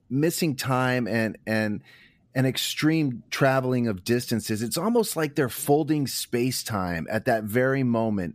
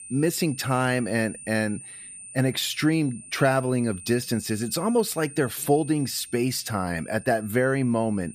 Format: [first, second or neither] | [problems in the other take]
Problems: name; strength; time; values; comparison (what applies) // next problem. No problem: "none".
first | high-pitched whine; noticeable; throughout; 9 kHz, 15 dB below the speech